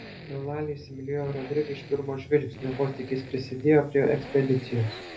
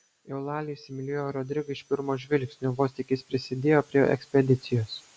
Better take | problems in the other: second | background sound (Accelerating, revving, vroom); 15 dB below the speech // room echo; dies away in 0.3 s

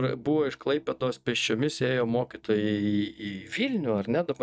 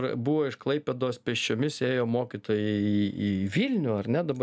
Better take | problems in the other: second | noise reduction (neural mask model DeepFilterNet 3)

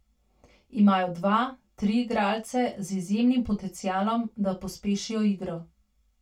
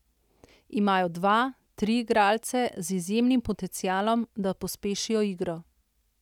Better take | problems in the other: second | room echo; dies away in 0.2 s

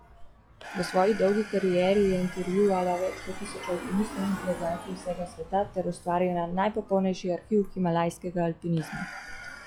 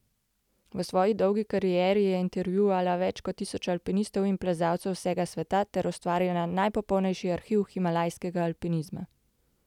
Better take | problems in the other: second | noise reduction (classical method log-MMSE)

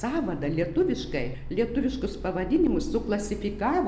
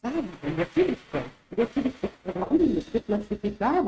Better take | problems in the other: first | noise reduction (neural mask model RNNoise)

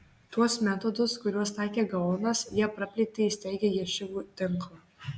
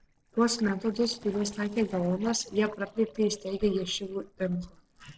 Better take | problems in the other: first | noise reduction (neural separator model SepFormer DNS4)

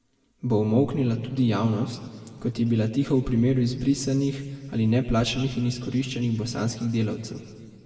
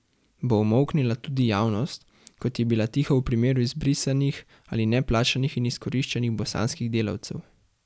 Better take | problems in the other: second | room echo; dies away in 1.8 s

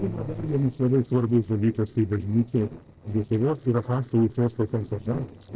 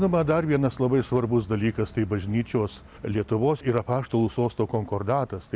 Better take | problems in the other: second | noise reduction (neural separator model SepFormer DNS4)

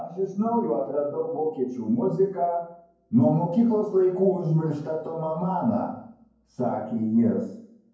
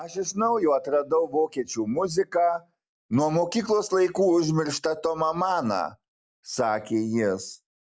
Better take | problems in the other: second | room echo; dies away in 0.9 s

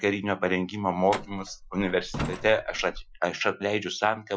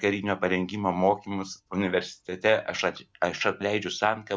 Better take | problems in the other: second | noise reduction (classical method Wiener filter)

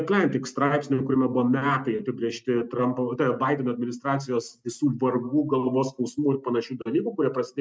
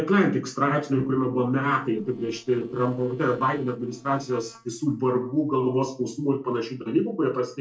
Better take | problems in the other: first | noise reduction (neural separator model SepFormer DNS4)

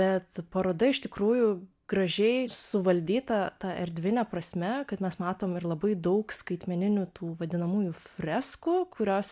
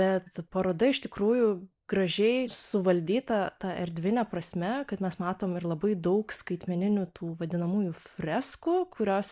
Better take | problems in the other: first | noise reduction (neural mask model Resemble Enhance denoiser)

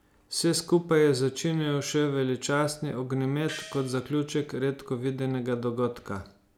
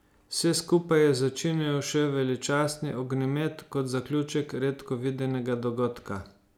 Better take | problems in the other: second | background sound (Gong); 16 dB below the speech

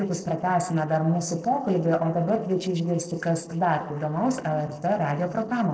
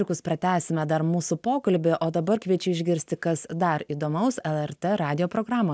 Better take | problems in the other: second | noise reduction (neural separator model SepFormer DNS4)

